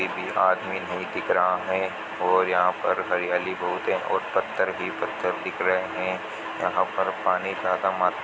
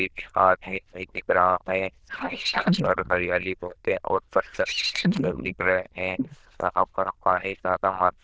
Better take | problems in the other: first | noise reduction (neural diffusion model UNIVERSE++)

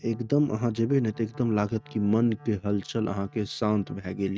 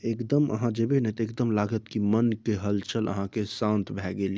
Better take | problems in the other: second | noise reduction (neural mask model RNNoise)

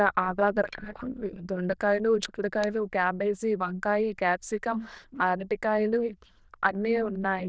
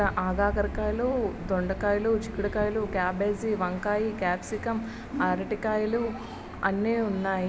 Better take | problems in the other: second | noise reduction (neural diffusion model UNIVERSE++)

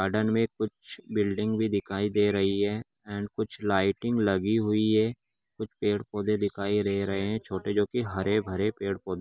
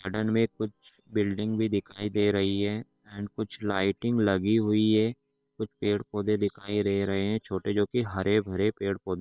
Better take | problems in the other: first | noise reduction (neural separator model SepFormer WHAM!)

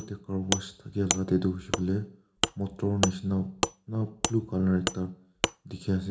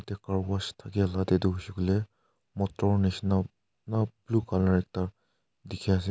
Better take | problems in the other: second | background sound (Wood); 4 dB below the speech // room echo; dies away in 0.4 s

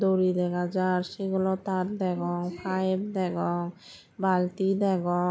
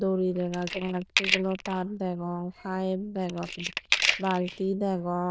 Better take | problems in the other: first | noise reduction (neural diffusion model UNIVERSE++)

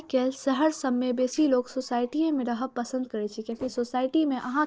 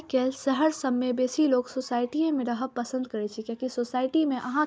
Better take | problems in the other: second | noise reduction (neural separator model SepFormer DNS4)

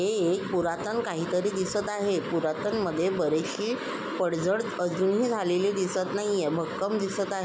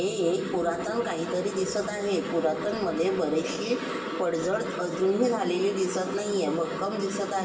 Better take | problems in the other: first | room echo; dies away in 2.3 s

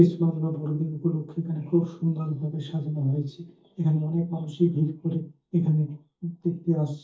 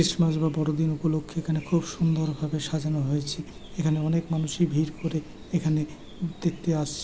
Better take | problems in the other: second | noise reduction (neural mask model DeepFilterNet 3)

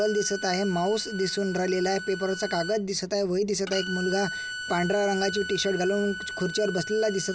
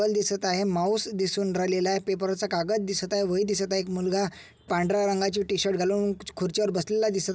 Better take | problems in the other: second | background sound (Bowed string instrument); 9 dB below the speech

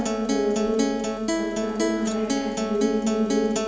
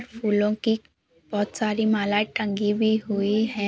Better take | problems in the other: second | background sound (Acoustic guitar); as loud as the speech // room echo; dies away in 2.2 s

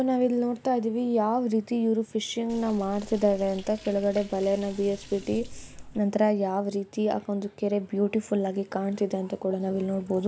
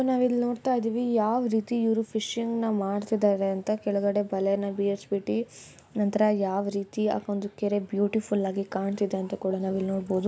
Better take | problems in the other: second | background sound (Liquid); 17 dB below the speech

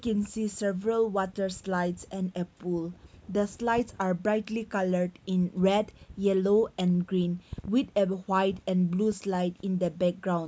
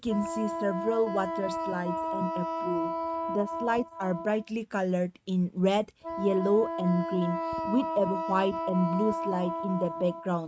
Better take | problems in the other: first | noise reduction (neural mask model RNNoise)

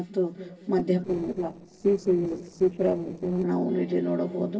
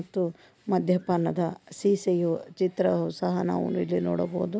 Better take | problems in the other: second | noise reduction (neural separator model SepFormer DNS4)

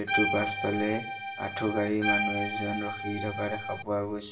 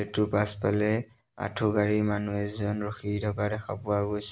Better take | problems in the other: second | background sound (Accordion); 1 dB below the speech // room echo; dies away in 0.8 s

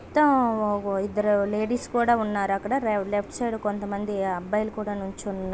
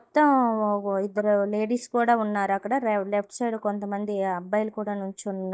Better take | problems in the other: first | noise reduction (neural mask model DeepFilterNet 3)

